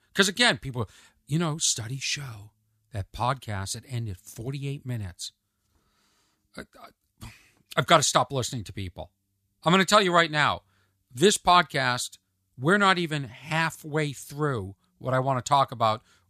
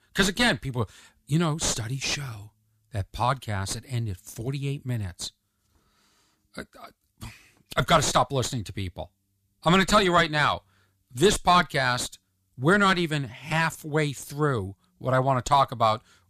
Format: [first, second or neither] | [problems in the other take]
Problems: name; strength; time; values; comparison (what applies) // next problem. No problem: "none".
first | distortion; heavy; 5 dB below the speech